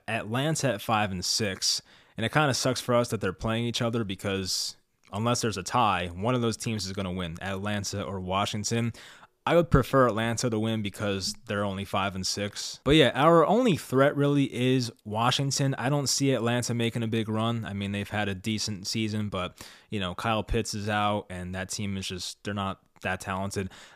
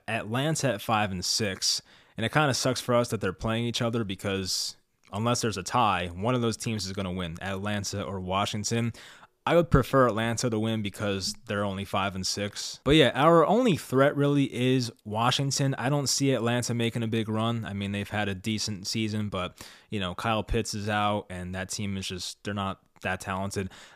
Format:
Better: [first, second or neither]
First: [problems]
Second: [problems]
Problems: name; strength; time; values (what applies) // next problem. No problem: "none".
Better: neither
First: none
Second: none